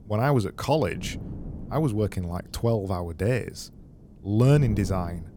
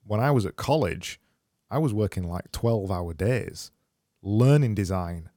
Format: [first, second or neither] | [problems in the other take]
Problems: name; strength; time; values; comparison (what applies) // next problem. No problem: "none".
second | wind noise on the microphone; occasional gusts; 20 dB below the speech